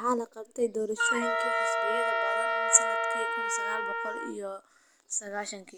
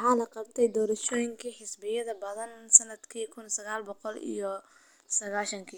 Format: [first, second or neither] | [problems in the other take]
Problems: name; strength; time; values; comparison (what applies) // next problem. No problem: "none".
second | background sound (Trumpet + Wind instrument, woodwind instrument); 2 dB above the speech